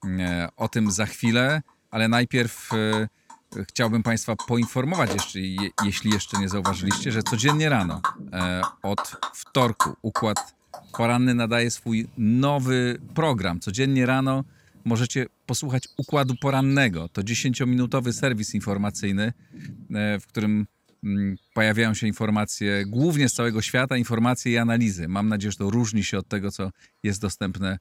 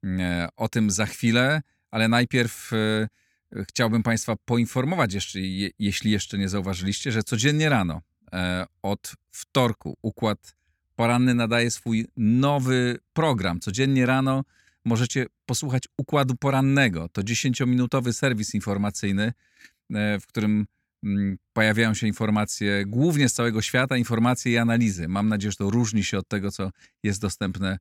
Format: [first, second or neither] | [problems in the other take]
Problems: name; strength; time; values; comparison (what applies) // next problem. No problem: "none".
second | animal sounds; loud; throughout; 8 dB below the speech